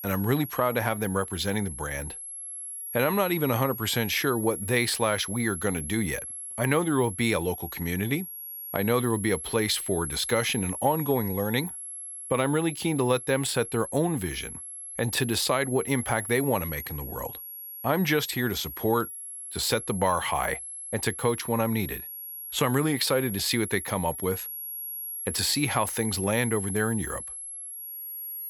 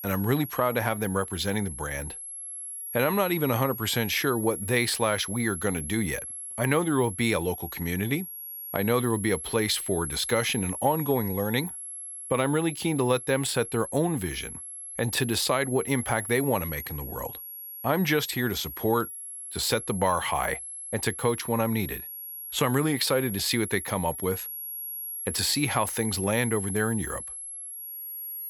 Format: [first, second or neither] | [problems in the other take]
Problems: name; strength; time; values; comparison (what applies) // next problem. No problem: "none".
neither | high-pitched whine; loud; throughout; 11 kHz, 8 dB below the speech; the same in both